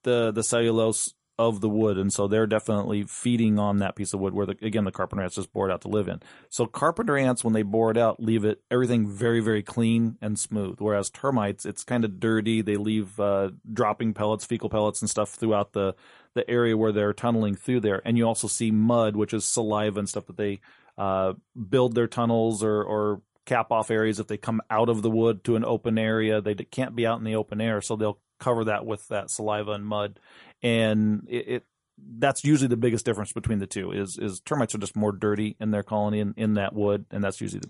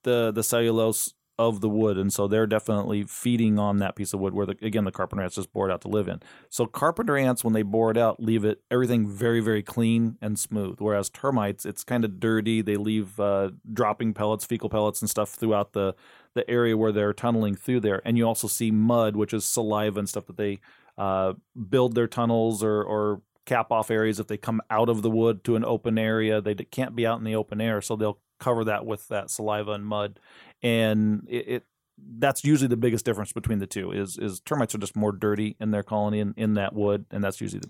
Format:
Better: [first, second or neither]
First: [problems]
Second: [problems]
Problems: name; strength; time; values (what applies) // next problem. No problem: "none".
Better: second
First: garbled, watery; slightly; nothing above 11 kHz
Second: none